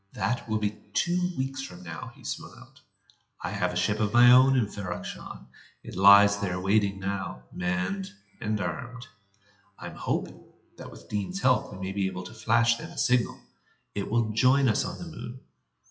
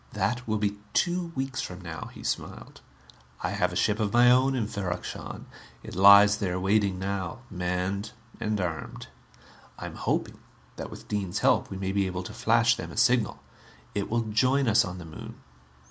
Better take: second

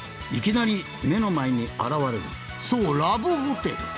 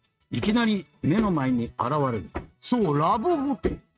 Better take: first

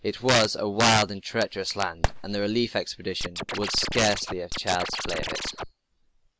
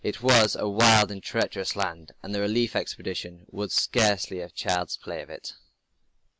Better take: second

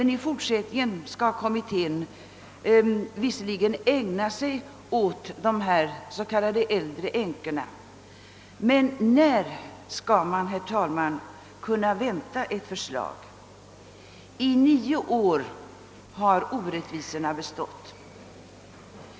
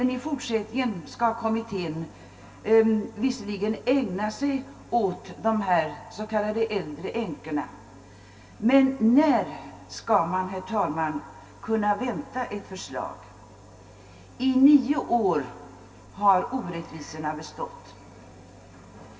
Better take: first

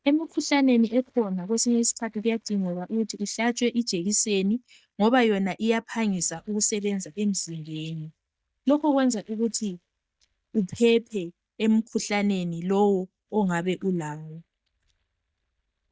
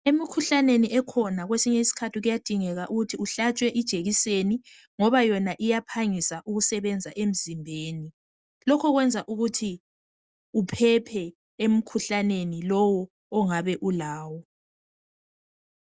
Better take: second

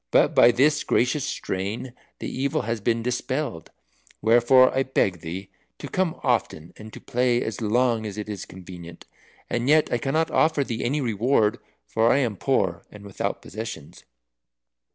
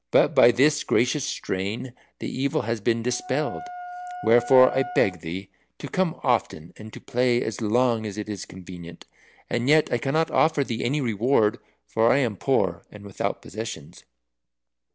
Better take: first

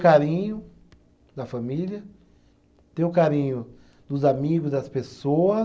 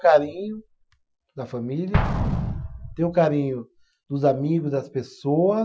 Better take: first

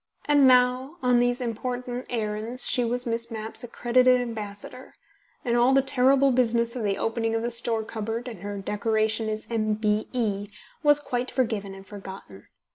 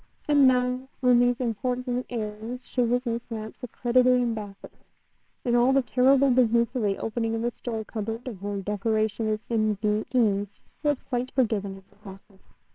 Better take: first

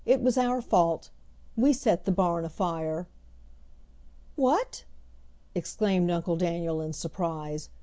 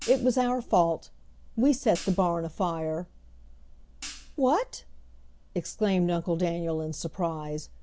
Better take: first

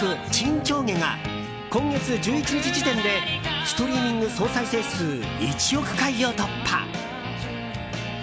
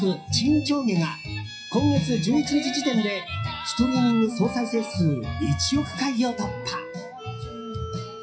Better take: first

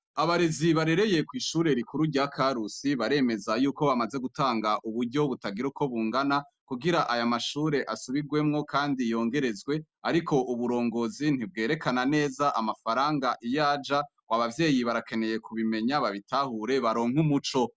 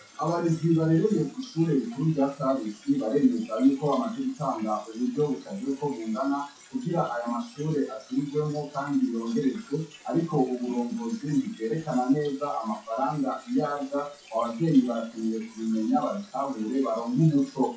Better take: first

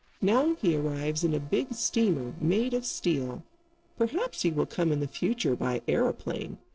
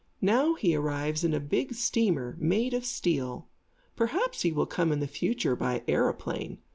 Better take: second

